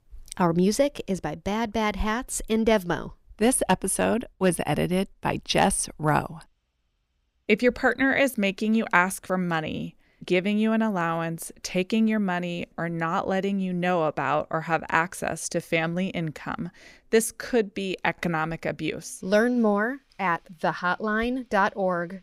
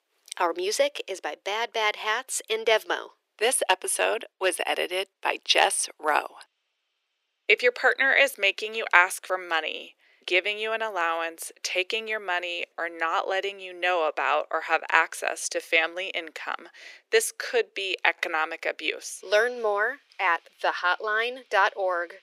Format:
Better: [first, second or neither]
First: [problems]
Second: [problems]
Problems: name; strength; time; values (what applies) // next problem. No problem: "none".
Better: first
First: none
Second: thin; very; fading below 350 Hz